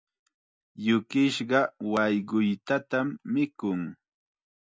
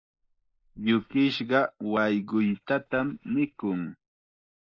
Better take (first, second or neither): first